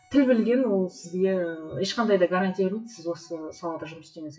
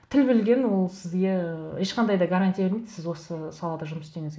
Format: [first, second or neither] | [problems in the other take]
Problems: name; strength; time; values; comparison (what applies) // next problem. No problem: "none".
second | noise reduction (classical method WPE with log-MMSE)